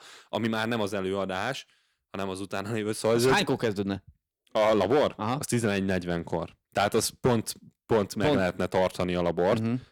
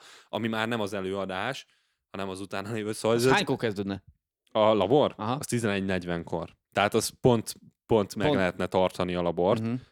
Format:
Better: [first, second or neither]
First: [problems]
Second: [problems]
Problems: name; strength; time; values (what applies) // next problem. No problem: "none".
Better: second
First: distortion; slight; 3% of the sound clipped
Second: none